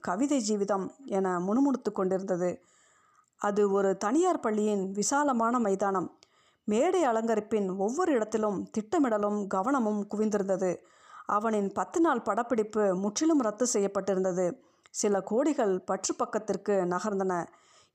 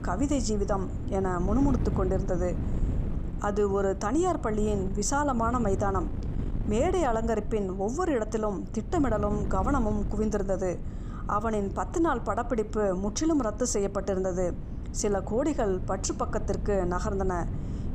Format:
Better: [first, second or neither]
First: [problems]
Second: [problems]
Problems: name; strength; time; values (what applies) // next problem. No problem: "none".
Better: first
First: none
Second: wind noise on the microphone; occasional gusts; 15 dB below the speech